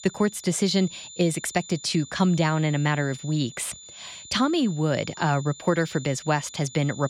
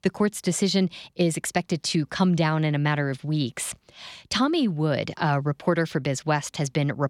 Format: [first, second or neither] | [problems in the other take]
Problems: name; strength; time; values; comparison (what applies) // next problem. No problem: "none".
second | high-pitched whine; noticeable; throughout; 7 kHz, 15 dB below the speech